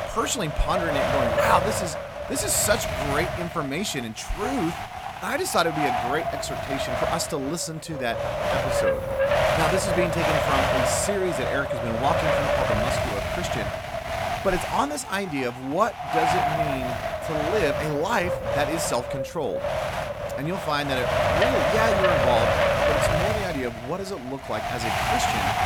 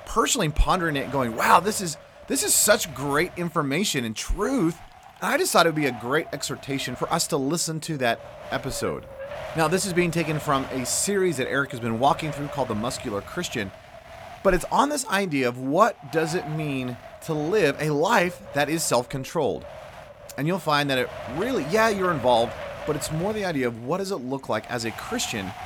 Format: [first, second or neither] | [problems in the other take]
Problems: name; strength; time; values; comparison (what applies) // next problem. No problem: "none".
second | wind noise on the microphone; heavy; 3 dB above the speech; occasional gusts in the second